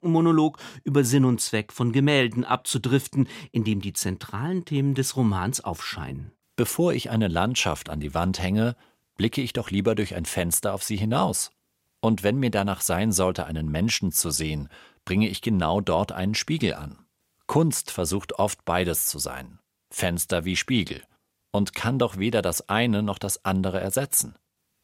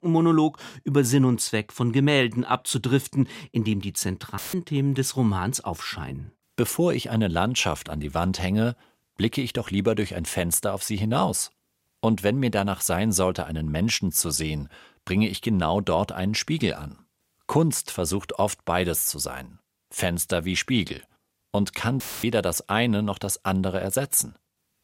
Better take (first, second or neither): first